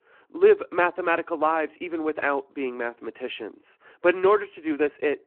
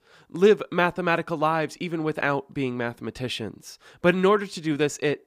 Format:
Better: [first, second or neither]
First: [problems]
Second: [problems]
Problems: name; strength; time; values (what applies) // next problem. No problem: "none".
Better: second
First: phone-call audio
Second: none